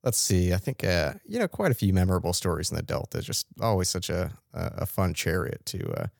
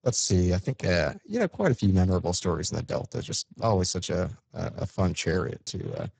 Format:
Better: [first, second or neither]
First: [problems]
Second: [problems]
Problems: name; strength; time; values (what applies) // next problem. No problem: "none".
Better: first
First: none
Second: garbled, watery; badly; nothing above 7.5 kHz